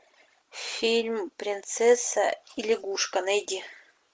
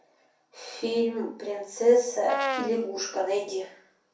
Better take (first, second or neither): first